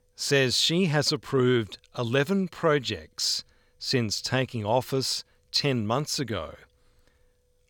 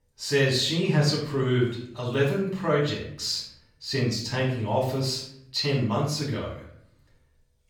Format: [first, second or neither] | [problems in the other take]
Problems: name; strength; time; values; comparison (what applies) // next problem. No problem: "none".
first | off-mic speech; far // room echo; noticeable; dies away in 0.5 s